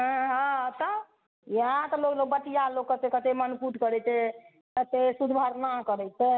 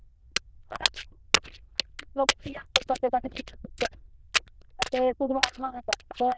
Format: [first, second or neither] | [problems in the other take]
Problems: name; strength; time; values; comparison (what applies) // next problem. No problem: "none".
first | noise reduction (neural diffusion model UNIVERSE++)